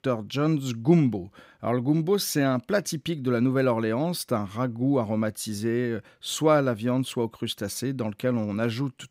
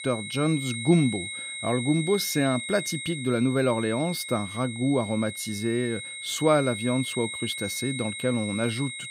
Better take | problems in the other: first | high-pitched whine; loud; throughout; 2 kHz, 7 dB below the speech

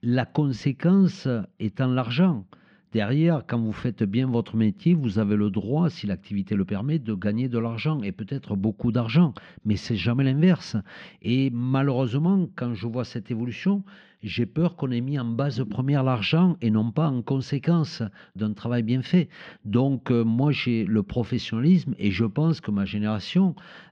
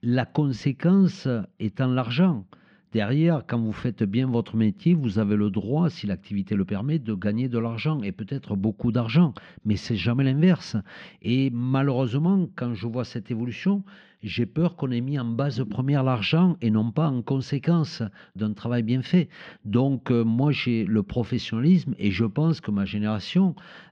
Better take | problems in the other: neither | muffled; slightly; fading above 3.5 kHz; the same in both

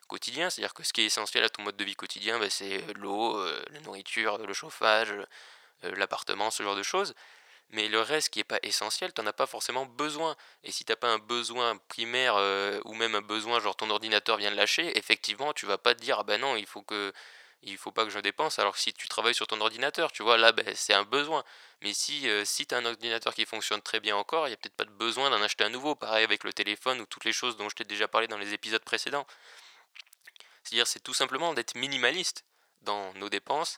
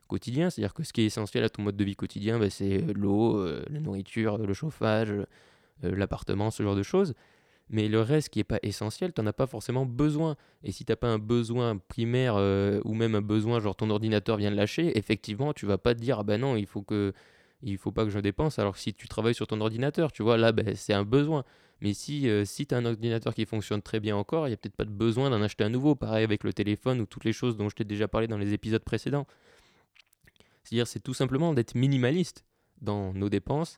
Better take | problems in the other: second | thin; very; fading below 950 Hz

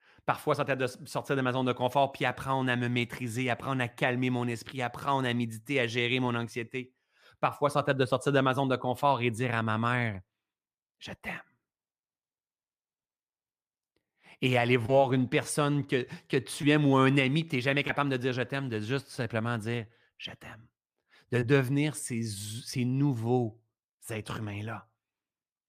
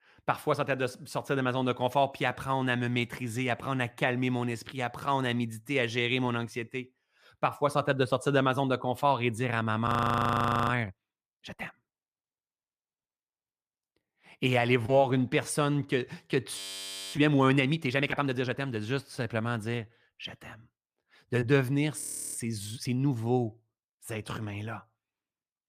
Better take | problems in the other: first | audio freezing; at 10 s for 1 s, at 17 s for 0.5 s and at 22 s

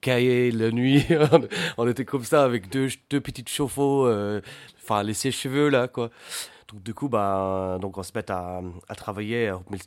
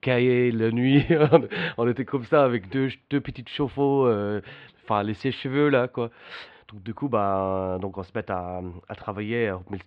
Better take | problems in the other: first | muffled; very; fading above 3 kHz

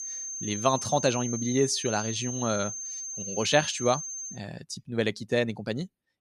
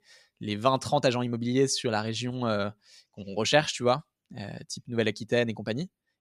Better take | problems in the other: second | high-pitched whine; loud; until 4.5 s; 6.5 kHz, 5 dB below the speech

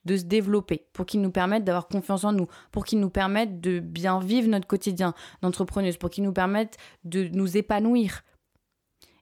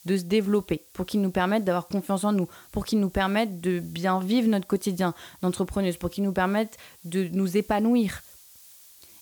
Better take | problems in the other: first | hiss; faint; throughout; 25 dB below the speech

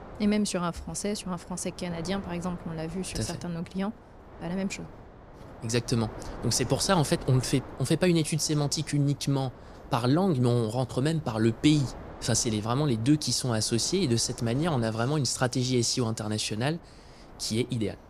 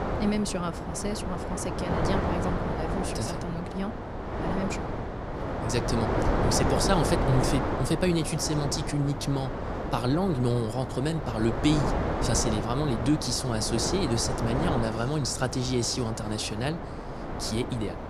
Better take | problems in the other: first | wind noise on the microphone; heavy; 1 dB below the speech; occasional gusts in the first

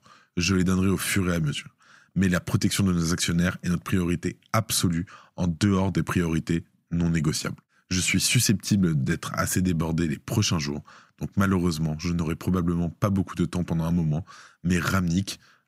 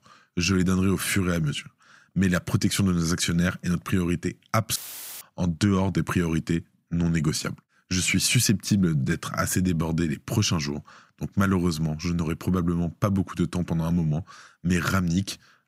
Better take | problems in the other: first | audio cutting out; filled with static; at 5 s

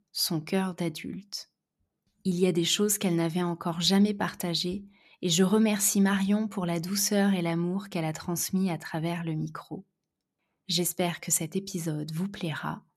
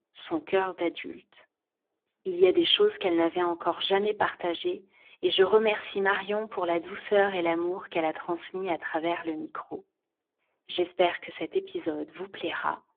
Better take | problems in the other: first | phone-call audio; poor line; nothing above 3.5 kHz

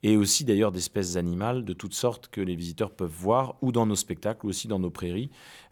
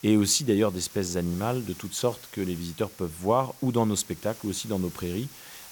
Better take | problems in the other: first | hiss; noticeable; throughout; 15 dB below the speech

